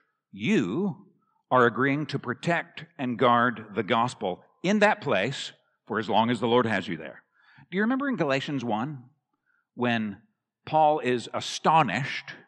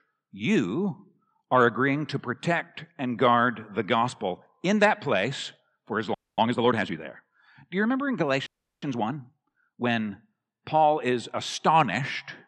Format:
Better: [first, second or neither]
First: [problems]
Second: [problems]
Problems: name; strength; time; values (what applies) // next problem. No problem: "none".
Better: first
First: none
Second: audio freezing; at 6 s and at 8.5 s